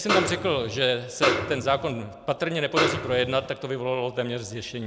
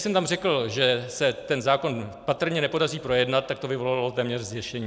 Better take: second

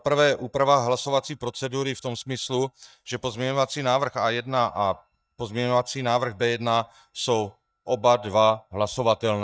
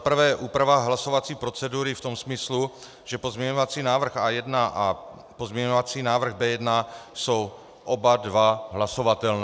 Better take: second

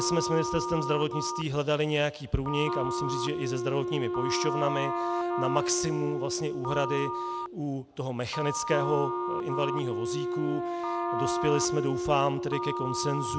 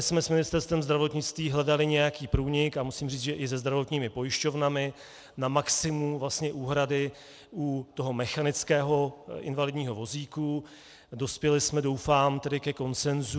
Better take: second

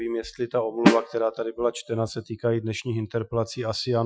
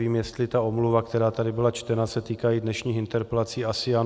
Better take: second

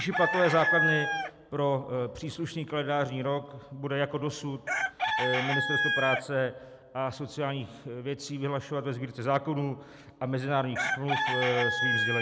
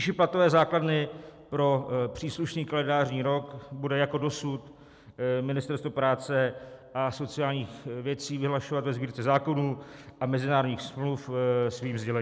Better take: second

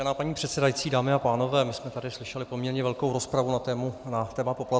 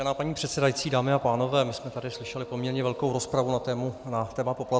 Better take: first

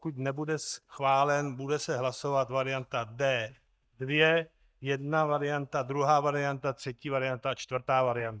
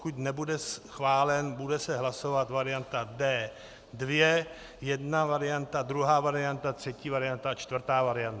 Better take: second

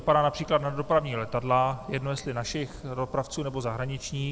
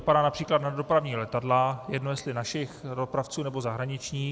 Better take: second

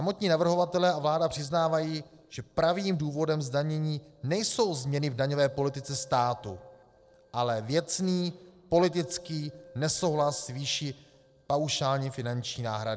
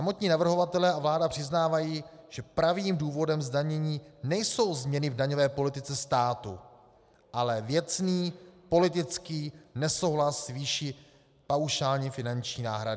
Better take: second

